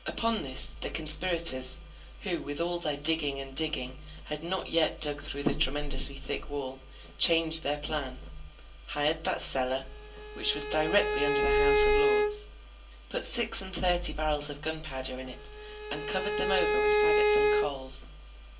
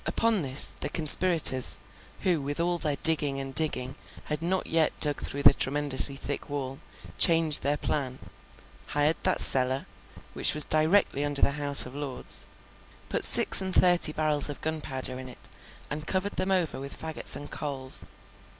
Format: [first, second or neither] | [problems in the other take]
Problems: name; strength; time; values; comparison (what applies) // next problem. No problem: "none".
second | background sound (Bowed string instrument); 4 dB above the speech // room echo; dies away in 0.2 s